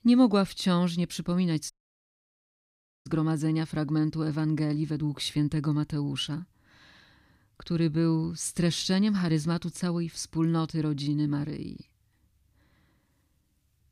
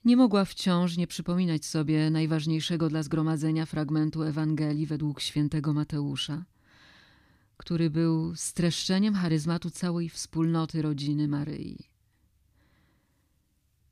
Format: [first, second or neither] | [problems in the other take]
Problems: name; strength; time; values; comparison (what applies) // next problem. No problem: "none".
second | audio cutting out; at 1.5 s for 1.5 s